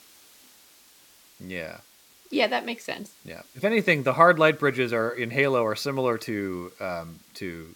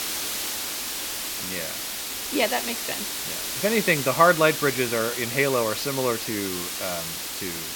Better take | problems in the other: first | hiss; loud; throughout; 4 dB below the speech; faint in the first

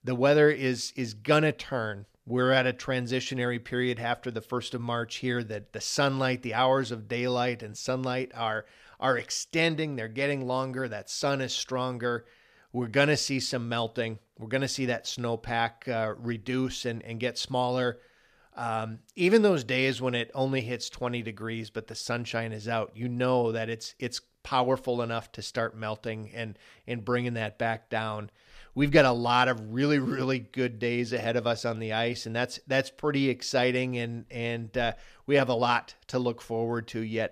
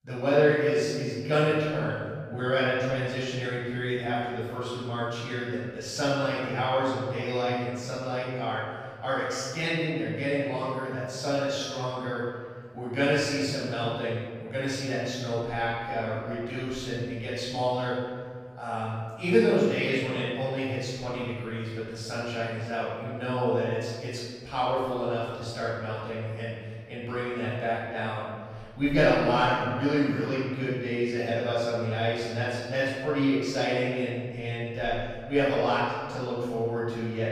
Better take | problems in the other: first | off-mic speech; far // room echo; strong; dies away in 1.8 s

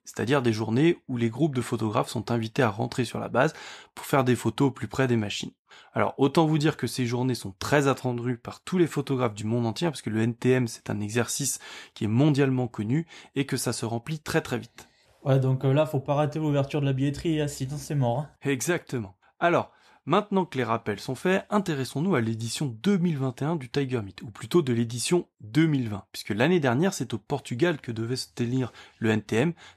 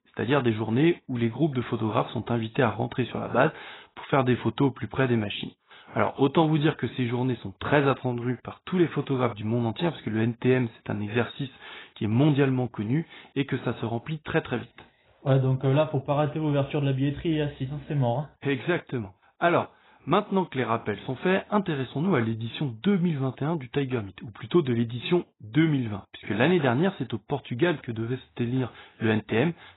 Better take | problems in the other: first | garbled, watery; badly; nothing above 4 kHz

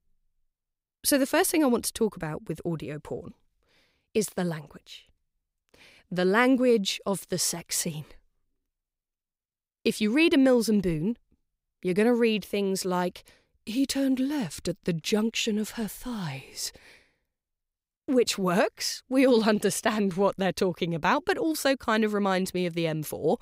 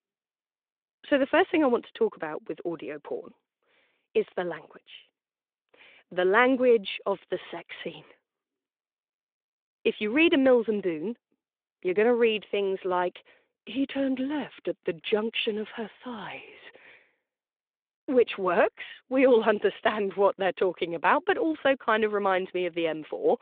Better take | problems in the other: first | phone-call audio

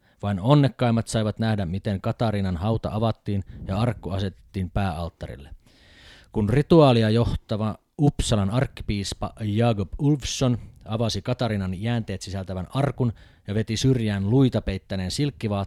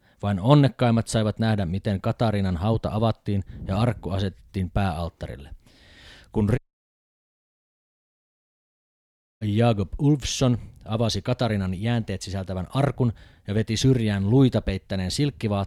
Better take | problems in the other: first | audio cutting out; at 6.5 s for 3 s

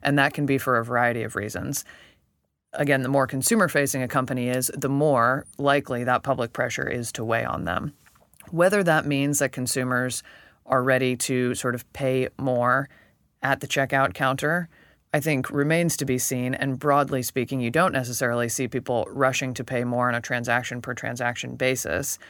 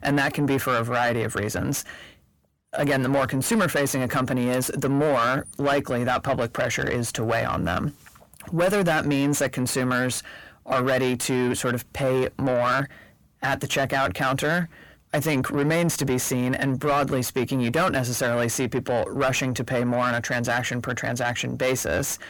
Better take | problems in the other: first | distortion; heavy; 7 dB below the speech

